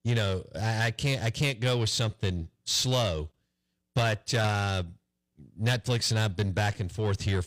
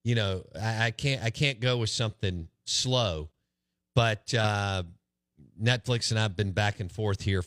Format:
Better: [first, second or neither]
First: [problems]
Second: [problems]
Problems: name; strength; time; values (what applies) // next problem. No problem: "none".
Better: second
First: distortion; slight; 10 dB below the speech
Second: none